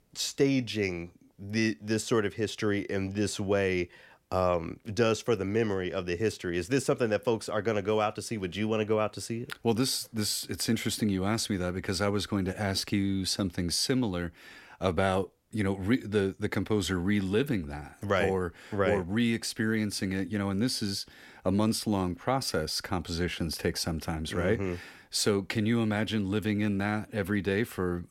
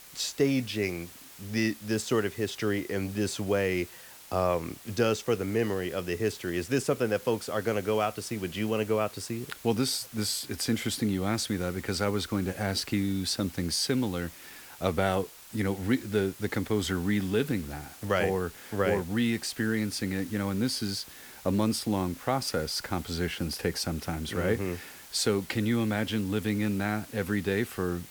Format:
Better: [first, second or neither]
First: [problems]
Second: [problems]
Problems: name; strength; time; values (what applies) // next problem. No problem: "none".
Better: first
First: none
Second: hiss; noticeable; throughout; 15 dB below the speech